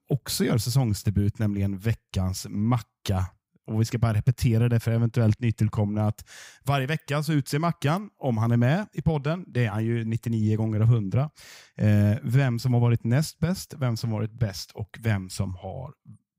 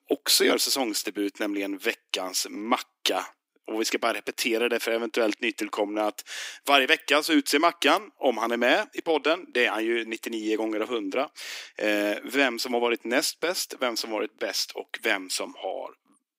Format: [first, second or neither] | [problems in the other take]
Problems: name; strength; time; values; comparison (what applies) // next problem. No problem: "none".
first | thin; very; fading below 300 Hz